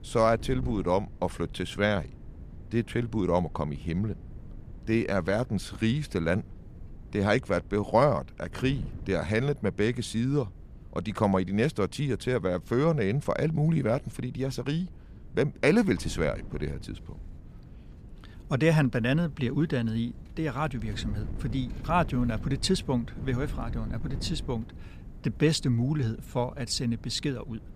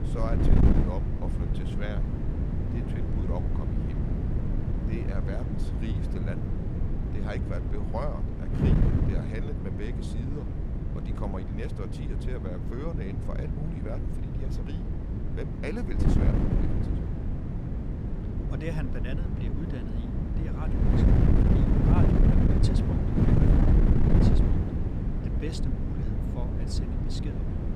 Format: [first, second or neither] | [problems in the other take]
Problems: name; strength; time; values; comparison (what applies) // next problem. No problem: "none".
first | wind noise on the microphone; heavy; 4 dB above the speech; occasional gusts in the first